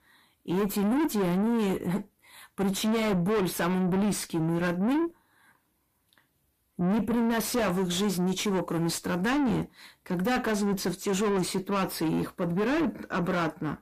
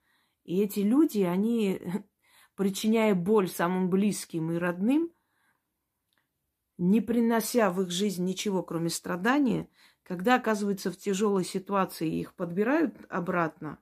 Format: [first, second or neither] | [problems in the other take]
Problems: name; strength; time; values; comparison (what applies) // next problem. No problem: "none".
second | distortion; heavy; 6 dB below the speech